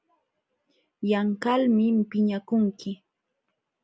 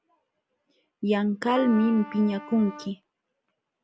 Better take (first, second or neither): first